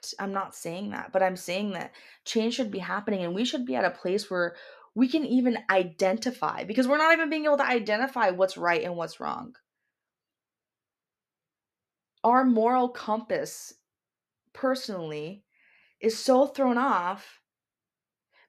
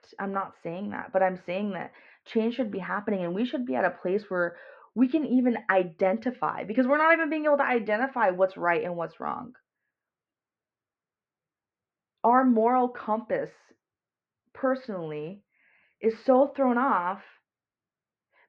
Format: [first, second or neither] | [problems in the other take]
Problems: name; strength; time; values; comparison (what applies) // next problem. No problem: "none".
first | muffled; very; fading above 2.5 kHz